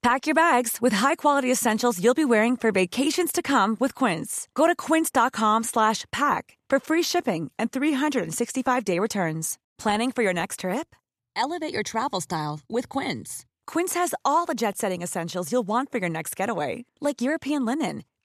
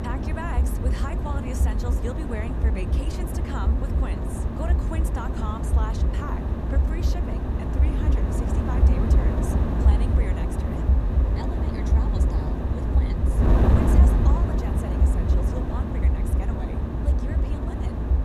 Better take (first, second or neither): first